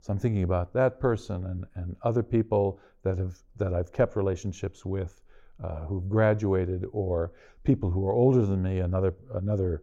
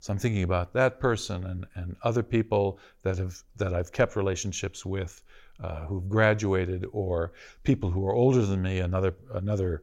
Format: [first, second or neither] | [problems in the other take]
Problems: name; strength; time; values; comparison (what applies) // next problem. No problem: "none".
second | muffled; slightly; fading above 1.5 kHz